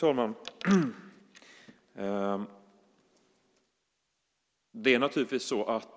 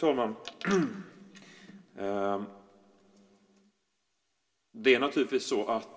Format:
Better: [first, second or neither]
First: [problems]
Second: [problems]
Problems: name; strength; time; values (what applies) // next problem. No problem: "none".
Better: first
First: none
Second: room echo; dies away in 2.7 s